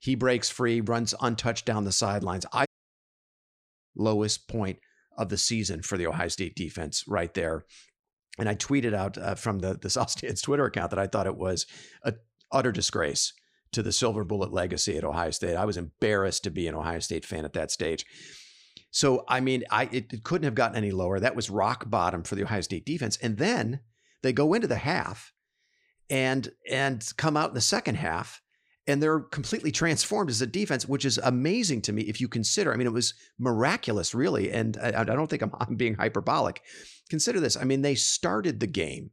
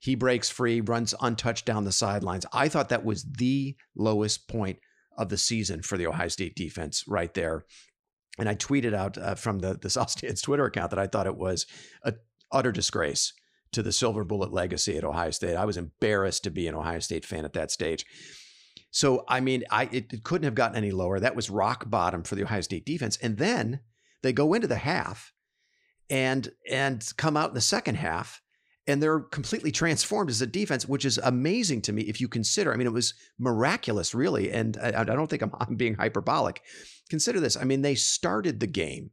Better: second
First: audio cutting out; at 2.5 s for 1.5 s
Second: none

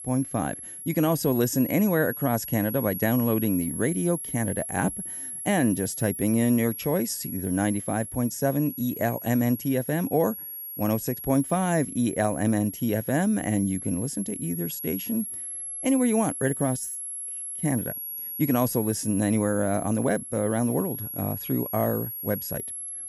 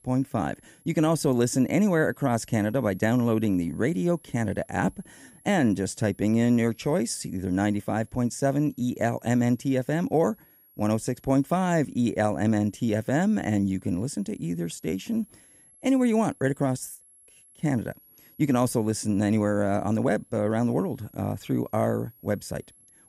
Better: second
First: high-pitched whine; loud; throughout; 11.5 kHz, 7 dB below the speech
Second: high-pitched whine; faint; throughout; 11.5 kHz, 30 dB below the speech

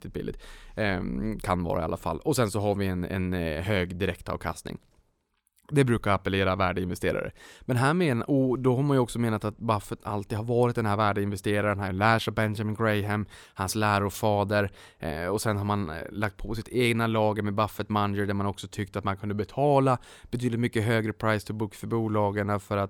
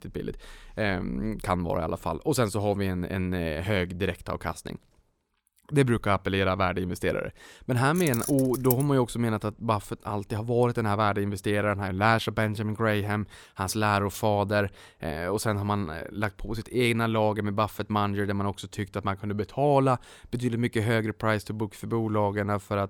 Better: first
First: none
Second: jangling keys; noticeable; at 8 s; peak 4 dB below the speech

